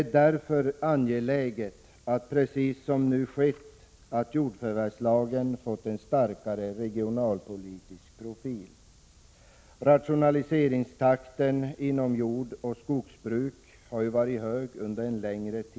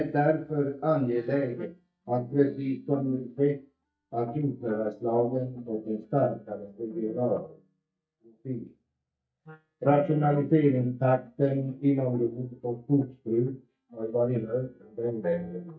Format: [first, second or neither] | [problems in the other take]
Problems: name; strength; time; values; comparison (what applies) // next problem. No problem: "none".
first | noise reduction (neural mask model DeepFilterNet 3)